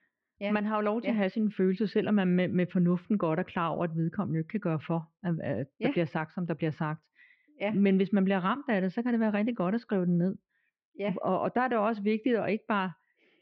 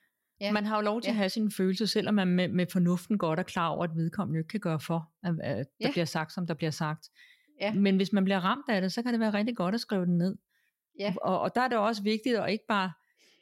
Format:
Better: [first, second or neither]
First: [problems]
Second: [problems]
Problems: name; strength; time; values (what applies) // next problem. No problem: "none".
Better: second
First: muffled; very; fading above 2.5 kHz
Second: none